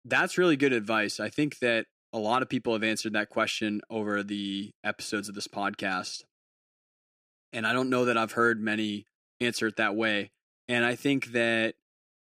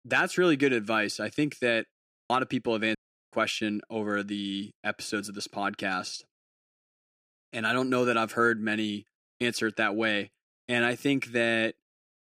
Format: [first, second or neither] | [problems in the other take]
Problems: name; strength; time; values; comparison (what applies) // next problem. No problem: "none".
first | audio cutting out; at 2 s and at 3 s